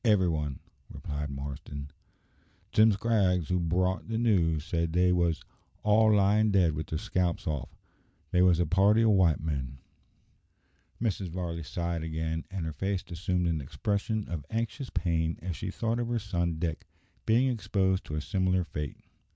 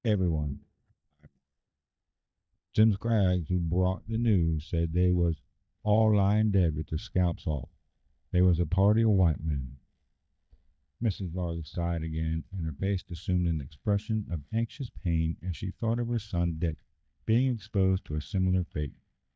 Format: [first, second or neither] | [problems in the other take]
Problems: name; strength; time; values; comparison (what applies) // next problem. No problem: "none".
first | noise reduction (neural mask model DeepFilterNet 3)